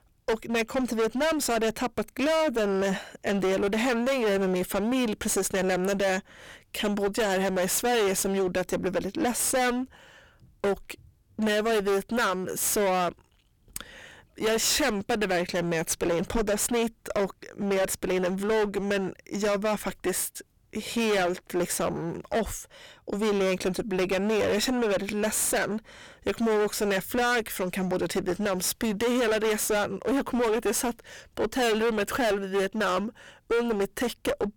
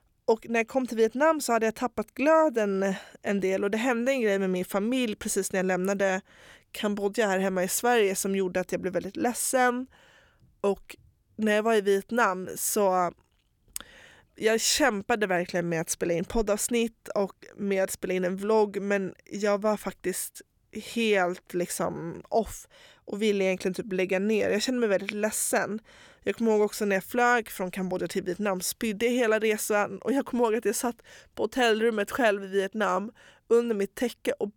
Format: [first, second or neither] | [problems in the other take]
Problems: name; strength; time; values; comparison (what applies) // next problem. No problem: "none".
second | distortion; heavy; 23% of the sound clipped